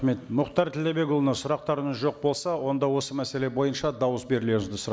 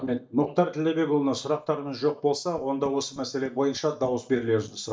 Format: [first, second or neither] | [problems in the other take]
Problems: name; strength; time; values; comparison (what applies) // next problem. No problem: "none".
first | noise reduction (neural mask model DeepFilterNet 3)